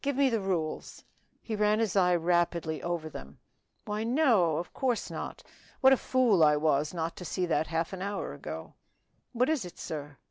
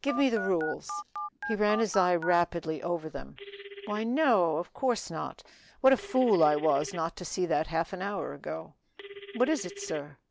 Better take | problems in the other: first | background sound (Telephone); 14 dB below the speech

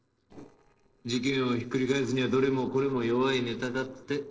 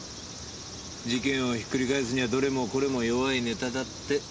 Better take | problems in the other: second | noise reduction (neural separator model SepFormer DNS4)

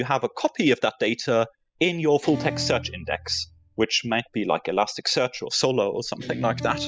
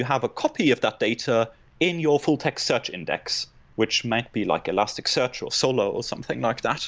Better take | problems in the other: second | noise reduction (classical method spectral subtraction)

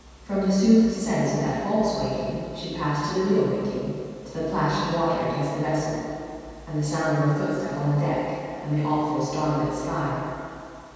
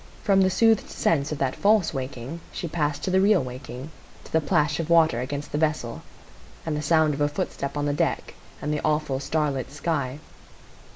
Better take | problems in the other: second | room echo; dies away in 2.1 s

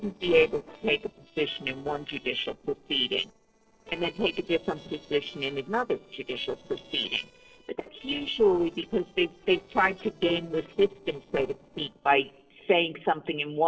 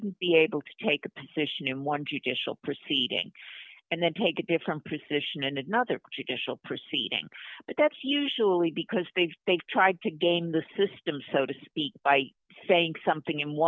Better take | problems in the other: second | noise reduction (neural separator model SepFormer DNS4)

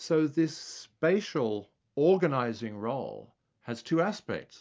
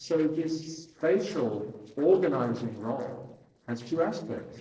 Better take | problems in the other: first | noise reduction (neural separator model SepFormer DNS4)

